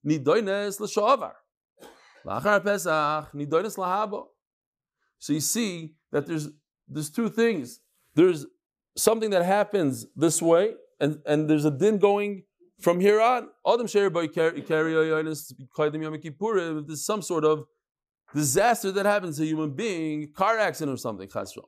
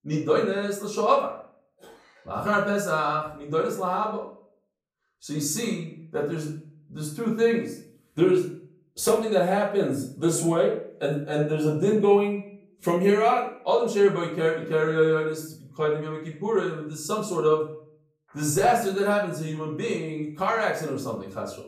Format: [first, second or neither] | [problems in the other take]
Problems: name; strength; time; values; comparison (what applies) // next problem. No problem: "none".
first | off-mic speech; far // room echo; slight; dies away in 0.4 s